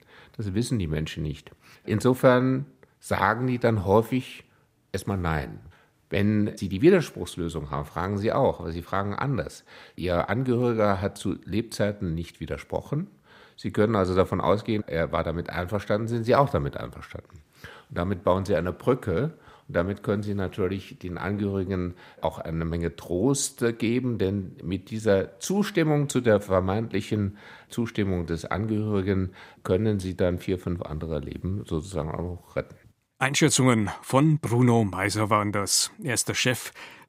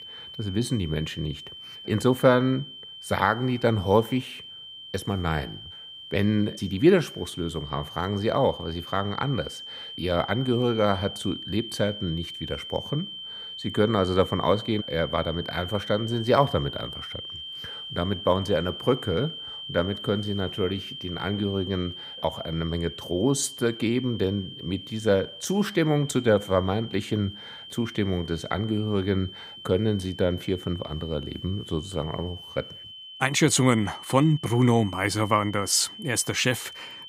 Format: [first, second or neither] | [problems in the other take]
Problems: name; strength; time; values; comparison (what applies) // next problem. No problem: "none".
first | high-pitched whine; noticeable; throughout; 3 kHz, 10 dB below the speech